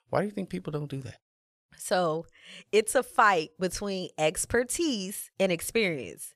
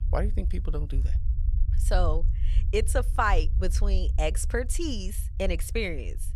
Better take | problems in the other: first | low rumble; noticeable; throughout; 20 dB below the speech

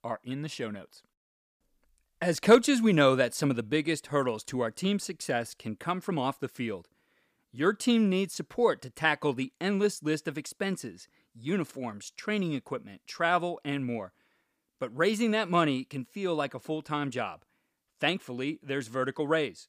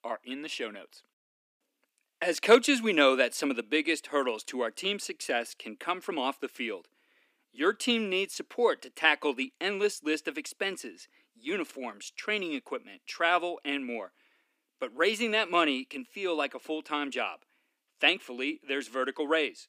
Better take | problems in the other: first | thin; very slightly; fading below 250 Hz

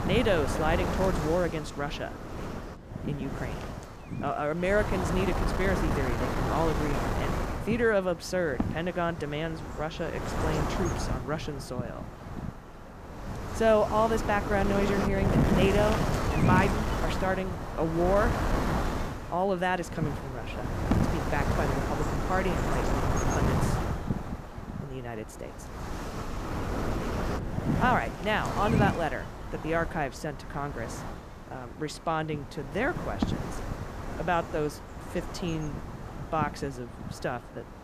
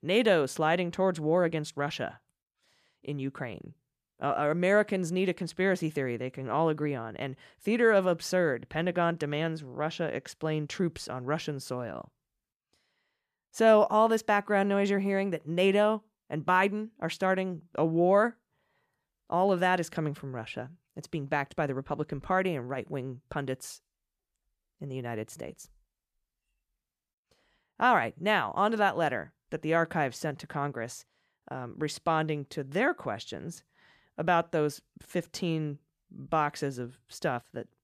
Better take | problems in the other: second | wind noise on the microphone; heavy; 5 dB below the speech

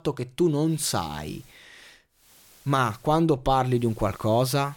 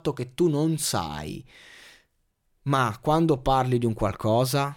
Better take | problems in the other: second | hiss; faint; at 0.5 s, at 2 s and from 3.5 s on; 30 dB below the speech

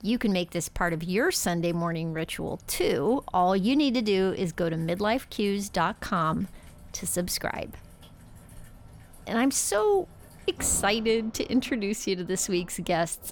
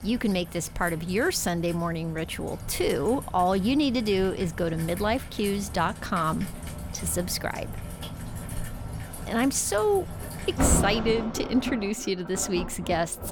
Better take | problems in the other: first | rain or running water; loud; throughout; 9 dB below the speech; faint in the first

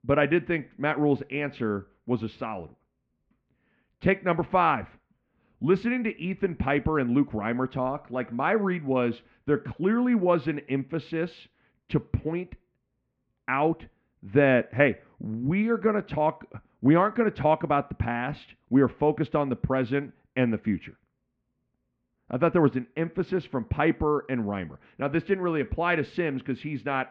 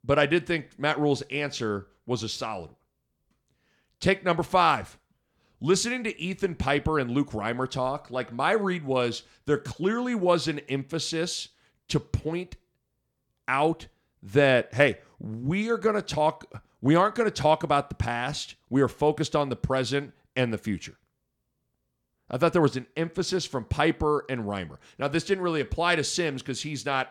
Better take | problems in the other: second | muffled; very; fading above 2.5 kHz

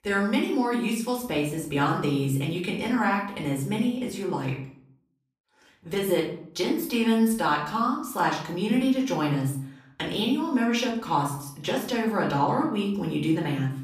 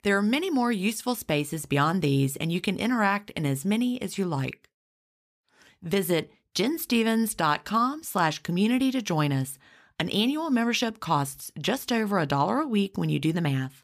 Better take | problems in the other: second | off-mic speech; far // room echo; slight; dies away in 0.5 s

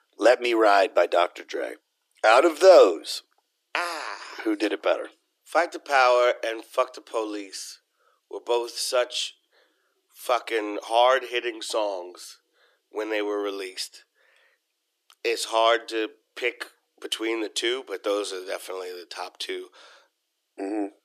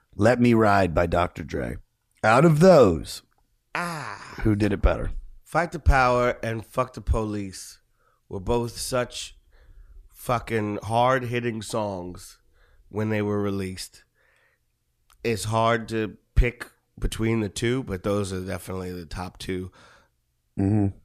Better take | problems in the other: second | thin; very; fading below 300 Hz

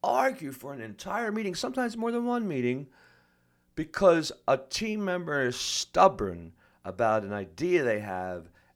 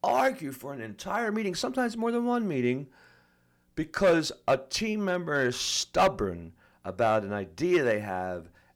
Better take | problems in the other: first | distortion; slight; 1.7% of the sound clipped

